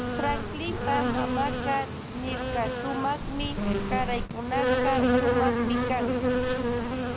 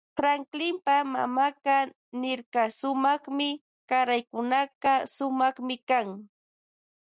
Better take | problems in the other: second | background sound (Insect); 4 dB above the speech

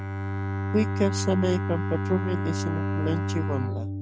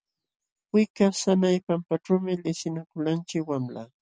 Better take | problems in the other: second | background sound (Bowed string instrument); 1 dB above the speech

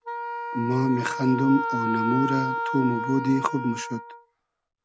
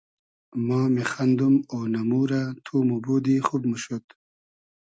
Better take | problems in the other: second | background sound (Wind instrument, woodwind instrument); 4 dB below the speech

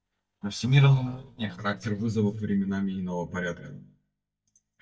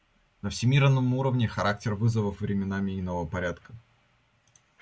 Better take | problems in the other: second | noise reduction (neural mask model DeepFilterNet 3)

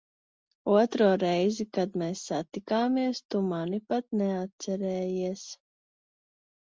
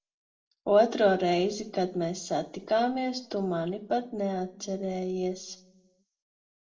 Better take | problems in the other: first | room echo; dies away in 0.4 s

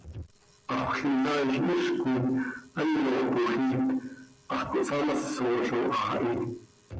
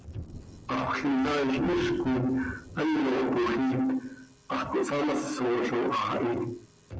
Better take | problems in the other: first | background sound (Thunder); 19 dB below the speech

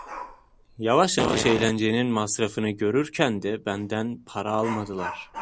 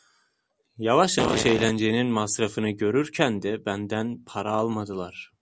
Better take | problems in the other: second | background sound (Dog); 16 dB below the speech

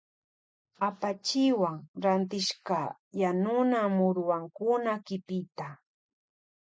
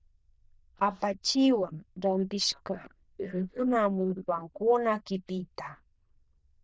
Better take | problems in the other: first | noise reduction (neural diffusion model UNIVERSE++)

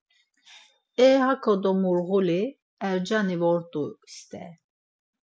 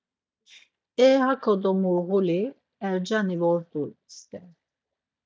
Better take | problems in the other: first | noise reduction (neural mask model DeepFilterNet 3)

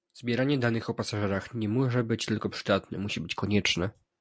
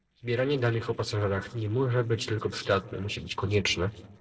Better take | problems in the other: first | noise reduction (neural separator model SepFormer DNS4)

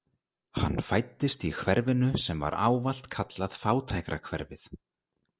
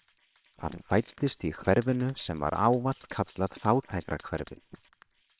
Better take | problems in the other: first | noise reduction (neural separator model SepFormer WHAMR!)

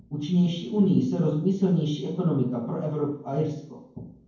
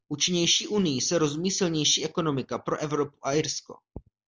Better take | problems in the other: second | room echo; dies away in 0.9 s

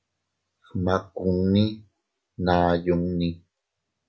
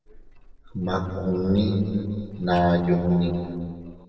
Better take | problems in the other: first | noise reduction (neural separator model SepFormer DNS4)

